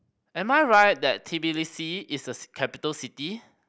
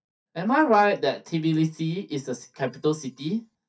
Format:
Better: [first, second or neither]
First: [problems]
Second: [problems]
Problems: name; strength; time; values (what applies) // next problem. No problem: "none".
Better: first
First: none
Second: noise reduction (neural mask model DeepFilterNet 3)